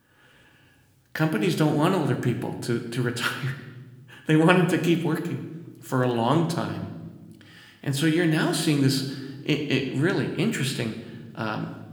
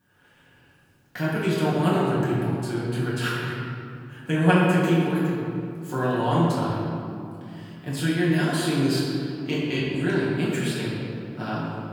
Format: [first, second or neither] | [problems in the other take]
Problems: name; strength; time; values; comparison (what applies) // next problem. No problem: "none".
first | room echo; strong; dies away in 2.3 s; slight in the first // off-mic speech; far